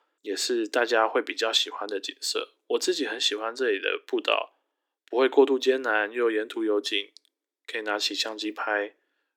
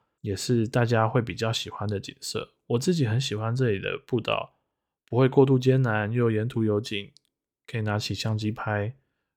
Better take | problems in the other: second | thin; very; fading below 300 Hz

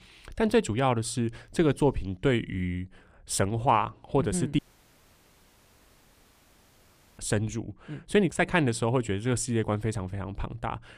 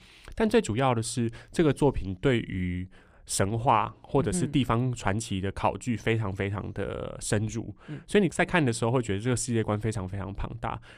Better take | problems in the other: second | audio cutting out; at 4.5 s for 2.5 s

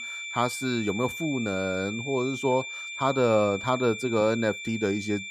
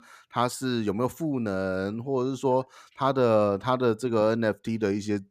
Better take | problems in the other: second | high-pitched whine; loud; throughout; 2.5 kHz, 7 dB below the speech

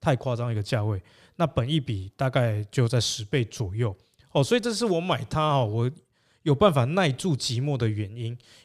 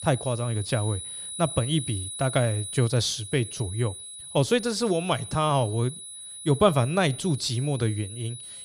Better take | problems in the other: first | high-pitched whine; loud; throughout; 10 kHz, 9 dB below the speech

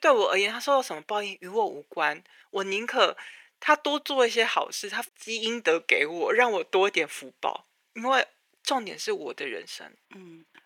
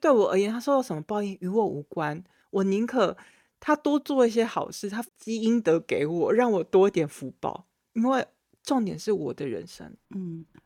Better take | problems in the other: second | thin; somewhat; fading below 600 Hz

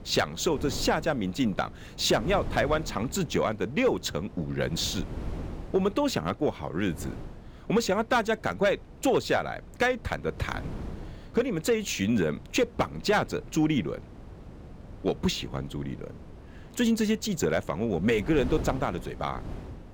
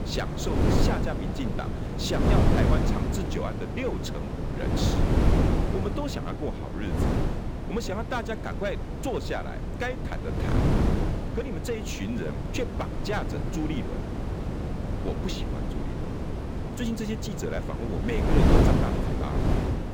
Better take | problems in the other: first | wind noise on the microphone; heavy; 1 dB above the speech; occasional gusts in the first

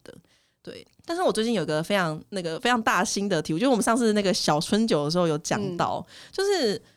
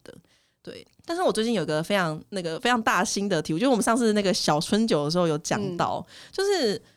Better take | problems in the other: neither | none

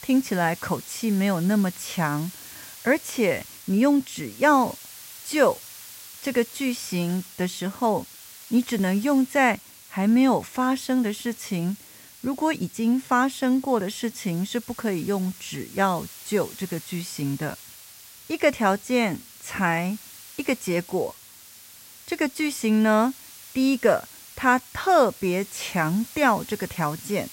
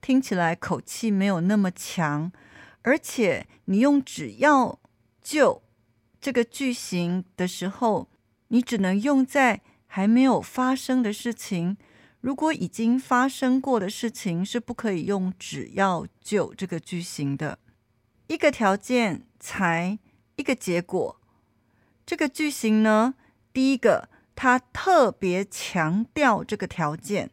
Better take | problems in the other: second | hiss; noticeable; throughout; 15 dB below the speech

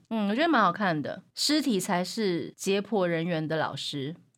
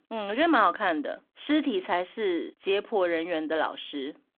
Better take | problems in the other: first | phone-call audio

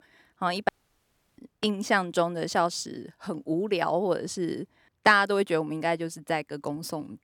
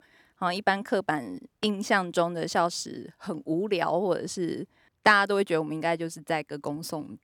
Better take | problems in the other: second | audio cutting out; at 0.5 s for 0.5 s

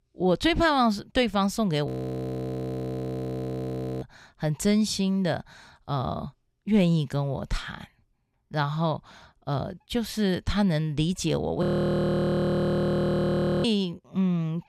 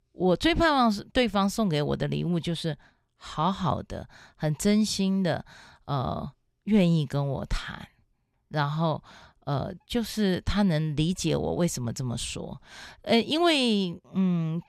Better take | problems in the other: second | audio freezing; at 2 s for 2 s and at 12 s for 2 s

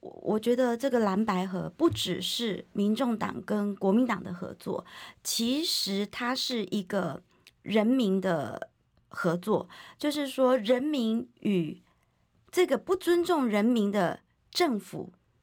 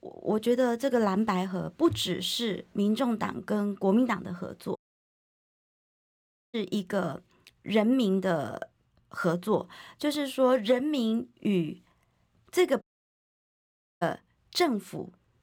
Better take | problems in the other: first | audio cutting out; at 5 s for 2 s and at 13 s for 1 s

